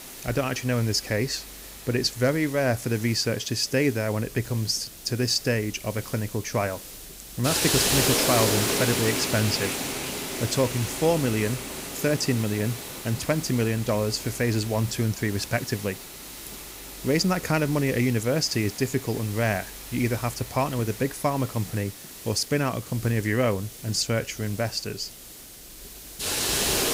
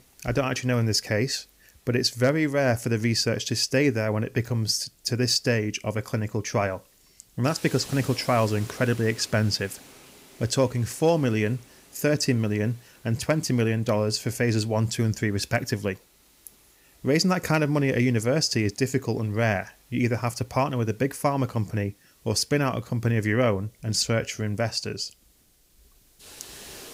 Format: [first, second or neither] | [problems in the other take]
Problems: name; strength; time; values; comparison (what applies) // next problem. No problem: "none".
second | hiss; loud; throughout; 5 dB below the speech; faint in the second